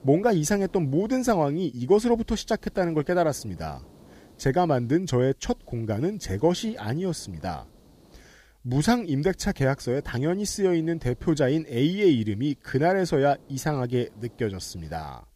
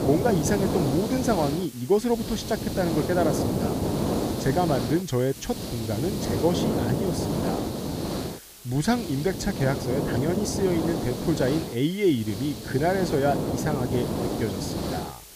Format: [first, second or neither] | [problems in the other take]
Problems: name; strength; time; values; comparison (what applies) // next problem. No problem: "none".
first | hiss; loud; throughout; 2 dB below the speech; faint in the first